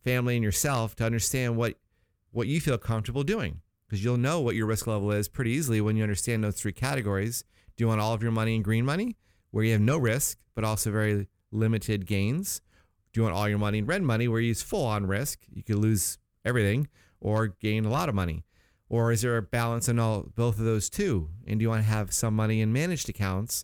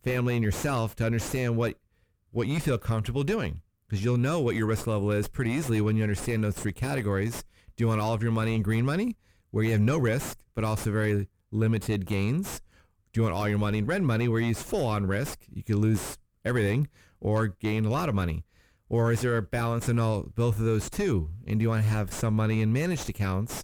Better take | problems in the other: first | distortion; slight; 8 dB below the speech

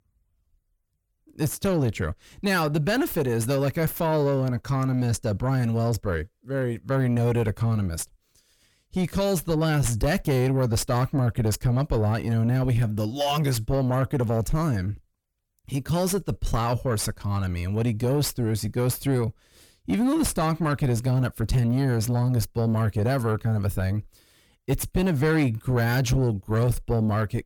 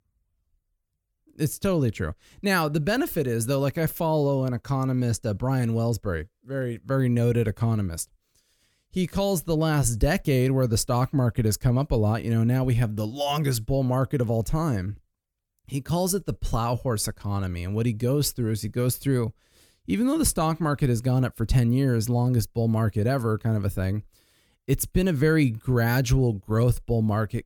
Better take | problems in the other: second | distortion; slight; 9 dB below the speech

